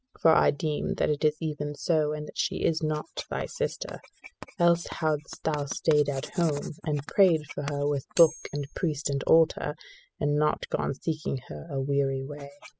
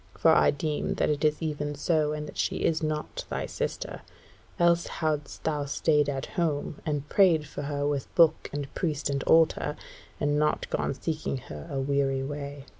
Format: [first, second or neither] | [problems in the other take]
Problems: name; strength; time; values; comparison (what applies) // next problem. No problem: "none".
second | noise reduction (classical method spectral subtraction)